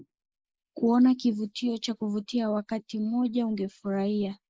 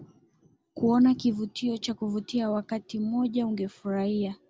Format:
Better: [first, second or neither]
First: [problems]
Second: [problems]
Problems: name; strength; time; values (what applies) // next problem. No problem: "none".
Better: second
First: noise reduction (neural mask model Resemble Enhance denoiser)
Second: none